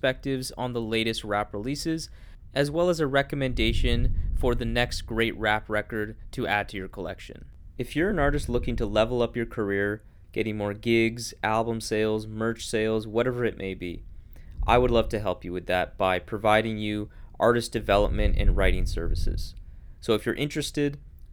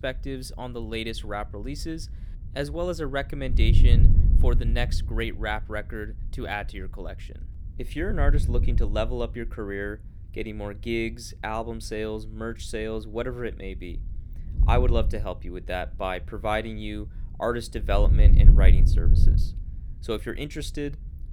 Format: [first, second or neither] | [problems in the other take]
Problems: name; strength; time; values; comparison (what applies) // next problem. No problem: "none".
first | wind noise on the microphone; heavy; 9 dB below the speech; occasional gusts in the first